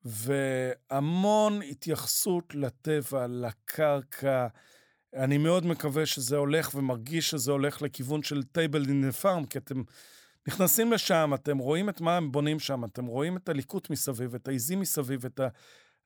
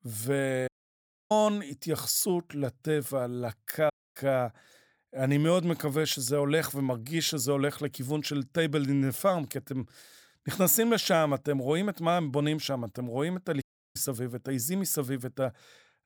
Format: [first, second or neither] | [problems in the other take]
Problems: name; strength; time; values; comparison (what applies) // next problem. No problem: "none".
first | audio cutting out; at 0.5 s for 0.5 s, at 4 s and at 14 s